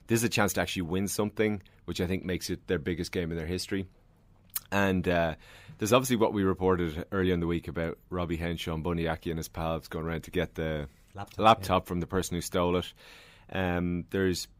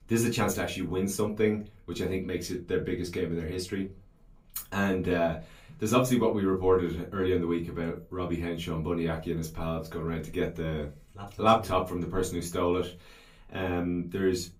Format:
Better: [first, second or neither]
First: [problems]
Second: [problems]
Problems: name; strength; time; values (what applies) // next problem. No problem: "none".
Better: first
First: none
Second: off-mic speech; far // room echo; very slight; dies away in 0.2 s